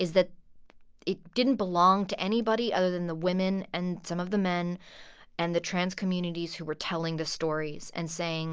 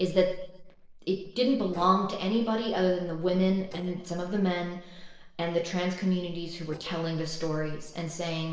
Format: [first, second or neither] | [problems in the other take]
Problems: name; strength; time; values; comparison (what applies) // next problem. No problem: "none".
first | noise reduction (neural separator model SepFormer DNS4)